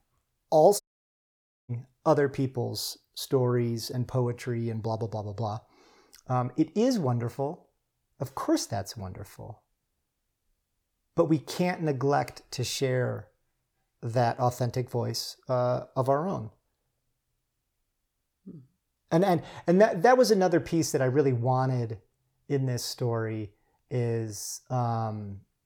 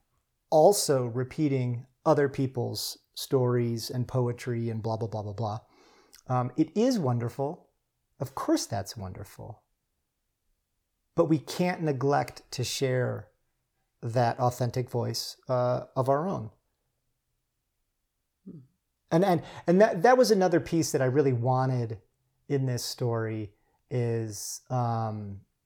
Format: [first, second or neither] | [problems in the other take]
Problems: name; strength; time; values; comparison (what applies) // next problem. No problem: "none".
second | audio cutting out; at 1 s for 1 s